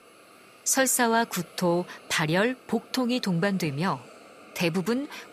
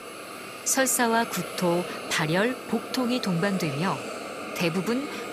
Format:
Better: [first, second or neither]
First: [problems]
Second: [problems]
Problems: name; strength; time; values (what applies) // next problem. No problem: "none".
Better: first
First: hiss; faint; throughout; 25 dB below the speech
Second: hiss; loud; throughout; 9 dB below the speech